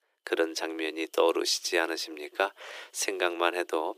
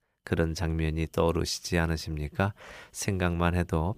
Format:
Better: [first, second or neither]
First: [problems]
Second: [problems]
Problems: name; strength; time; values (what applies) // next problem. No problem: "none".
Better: second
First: thin; very; fading below 350 Hz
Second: none